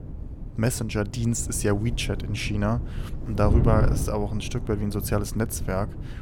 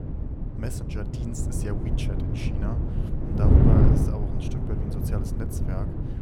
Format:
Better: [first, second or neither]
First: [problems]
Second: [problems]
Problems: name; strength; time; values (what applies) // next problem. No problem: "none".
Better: first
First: wind noise on the microphone; occasional gusts; 10 dB below the speech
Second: wind noise on the microphone; heavy; 5 dB above the speech